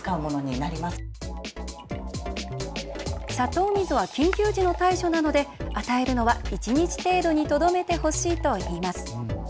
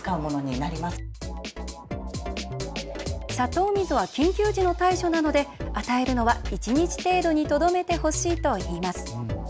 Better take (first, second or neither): second